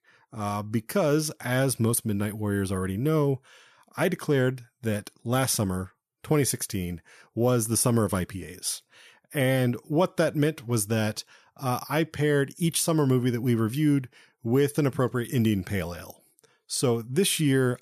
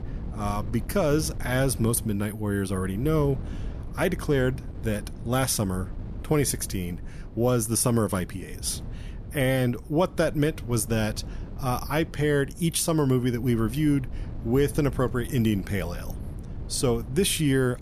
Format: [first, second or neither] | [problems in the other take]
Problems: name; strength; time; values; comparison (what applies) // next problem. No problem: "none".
first | wind noise on the microphone; occasional gusts; 20 dB below the speech